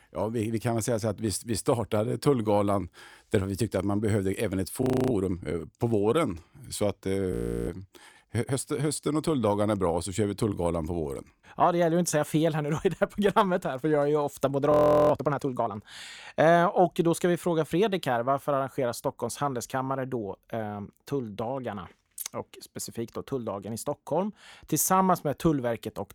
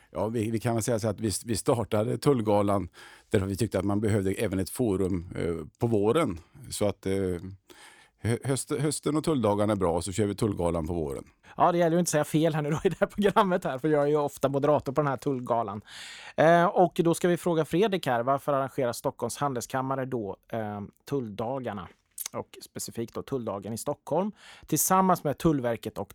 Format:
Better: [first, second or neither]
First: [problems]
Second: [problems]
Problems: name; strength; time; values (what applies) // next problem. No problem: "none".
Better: second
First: audio freezing; at 5 s, at 7.5 s and at 15 s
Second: none